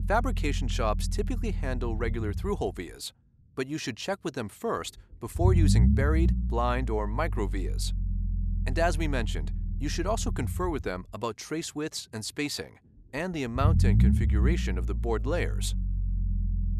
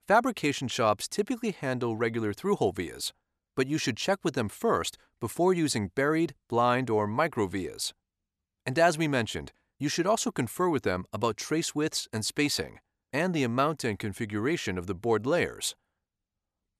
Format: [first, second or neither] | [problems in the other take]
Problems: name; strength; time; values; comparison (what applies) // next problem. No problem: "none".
second | low rumble; noticeable; throughout; 10 dB below the speech